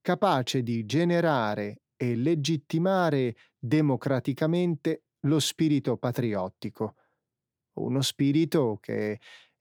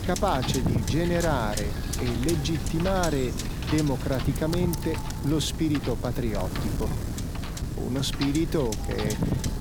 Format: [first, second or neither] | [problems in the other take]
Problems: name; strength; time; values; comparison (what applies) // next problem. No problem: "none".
first | wind noise on the microphone; heavy; 5 dB below the speech